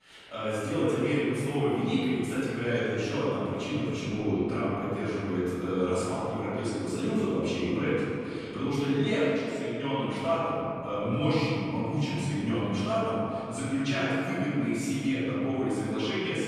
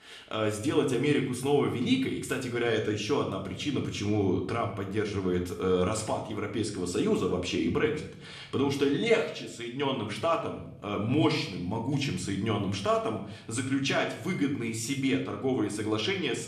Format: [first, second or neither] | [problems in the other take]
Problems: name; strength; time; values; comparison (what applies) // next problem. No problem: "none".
second | room echo; strong; dies away in 2.6 s; slight in the second // off-mic speech; far; somewhat distant in the second